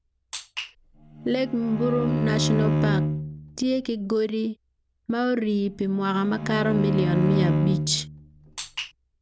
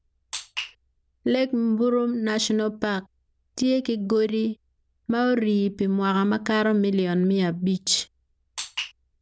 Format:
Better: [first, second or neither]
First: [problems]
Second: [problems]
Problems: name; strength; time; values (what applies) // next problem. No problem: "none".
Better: second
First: background sound (Bowed string instrument); as loud as the speech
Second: none